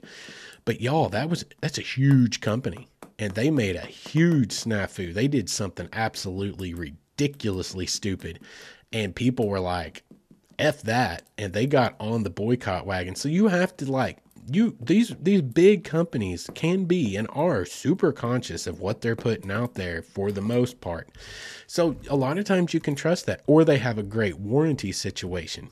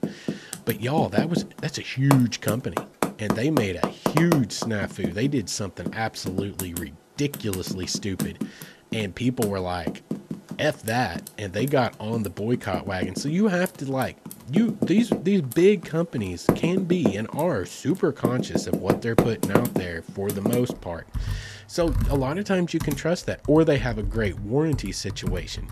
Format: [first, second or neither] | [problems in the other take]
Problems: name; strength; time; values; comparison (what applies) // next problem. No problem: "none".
first | household noises; loud; throughout; 4 dB below the speech; faint in the first